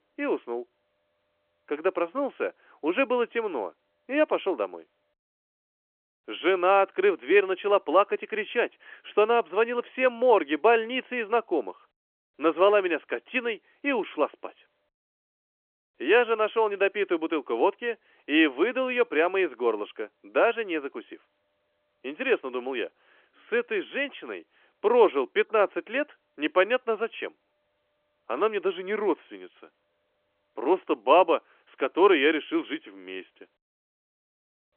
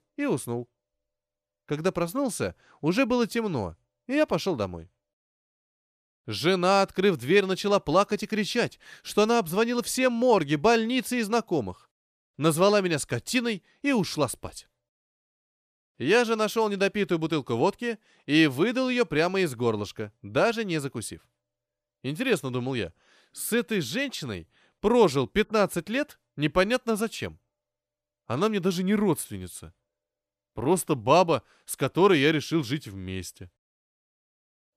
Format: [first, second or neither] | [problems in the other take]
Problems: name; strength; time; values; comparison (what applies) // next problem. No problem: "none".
second | phone-call audio; nothing above 3 kHz